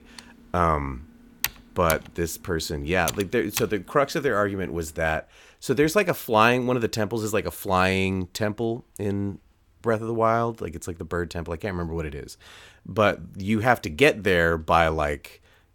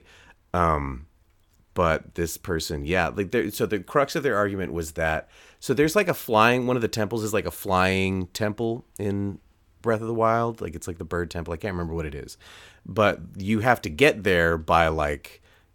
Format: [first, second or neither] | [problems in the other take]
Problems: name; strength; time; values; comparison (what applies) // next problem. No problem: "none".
second | keyboard typing; noticeable; until 3.5 s; peak 5 dB below the speech